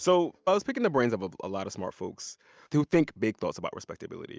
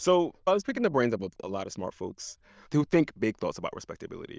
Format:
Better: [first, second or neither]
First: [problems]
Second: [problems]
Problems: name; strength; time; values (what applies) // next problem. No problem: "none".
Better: first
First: none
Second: noise reduction (neural diffusion model UNIVERSE++)